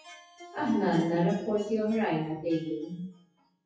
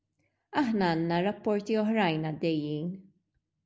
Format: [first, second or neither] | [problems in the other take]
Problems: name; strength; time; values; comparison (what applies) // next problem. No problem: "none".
second | noise reduction (classical method WPE with log-MMSE)